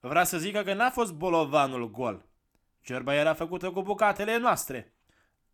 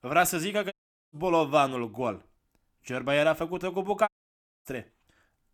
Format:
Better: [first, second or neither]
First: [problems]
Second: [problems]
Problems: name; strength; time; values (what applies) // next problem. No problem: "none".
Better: first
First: none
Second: audio cutting out; at 0.5 s and at 4 s for 0.5 s